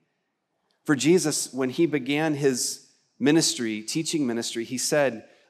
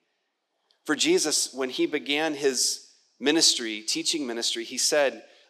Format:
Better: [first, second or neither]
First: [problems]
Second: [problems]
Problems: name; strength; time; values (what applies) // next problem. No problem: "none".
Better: first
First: none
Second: thin; very slightly; fading below 400 Hz